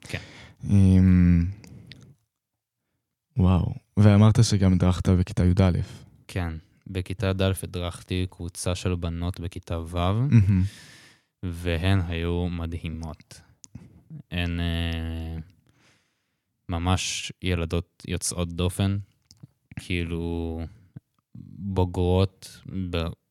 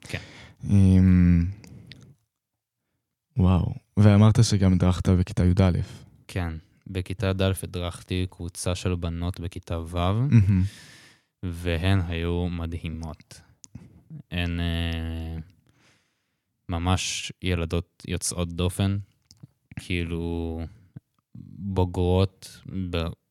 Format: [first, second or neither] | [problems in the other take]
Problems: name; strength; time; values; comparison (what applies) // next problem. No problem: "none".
neither | none